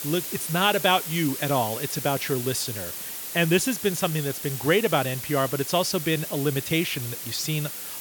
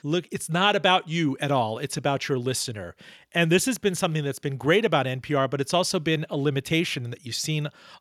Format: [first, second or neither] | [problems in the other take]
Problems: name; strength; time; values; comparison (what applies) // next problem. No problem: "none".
second | hiss; loud; throughout; 6 dB below the speech